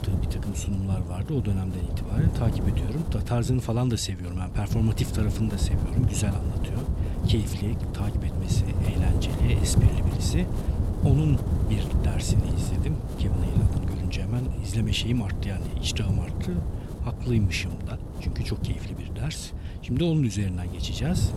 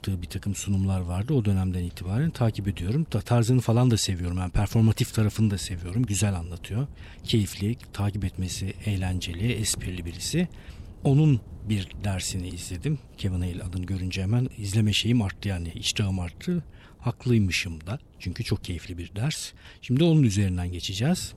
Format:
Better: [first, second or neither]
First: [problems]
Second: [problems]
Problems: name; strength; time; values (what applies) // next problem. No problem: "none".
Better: second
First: wind noise on the microphone; heavy; 4 dB below the speech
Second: wind noise on the microphone; occasional gusts; 25 dB below the speech